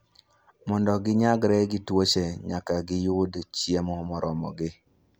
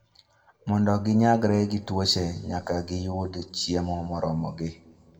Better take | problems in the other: first | room echo; dies away in 0.9 s

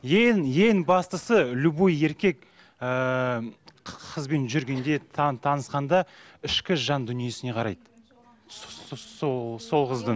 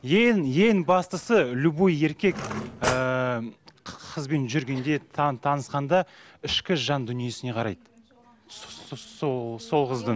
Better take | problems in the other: first | background sound (Cutlery, silverware / Drawer open or close); 7 dB below the speech

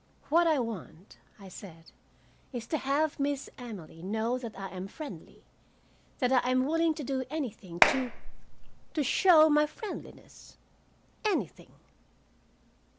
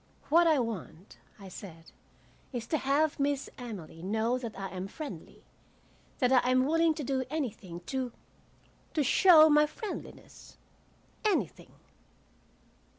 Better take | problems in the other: second | background sound (Clapping); 2 dB above the speech

